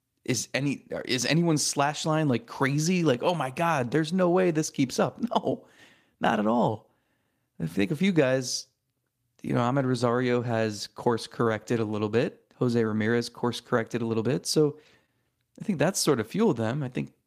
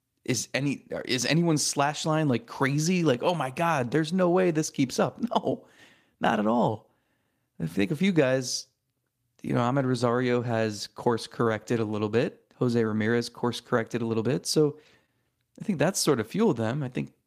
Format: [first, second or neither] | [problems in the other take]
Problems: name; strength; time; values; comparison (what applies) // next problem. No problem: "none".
neither | none